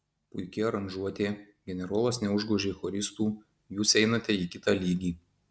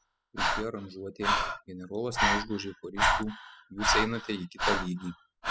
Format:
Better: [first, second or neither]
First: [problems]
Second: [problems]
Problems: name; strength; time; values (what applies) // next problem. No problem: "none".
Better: first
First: none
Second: noise reduction (classical method spectral subtraction)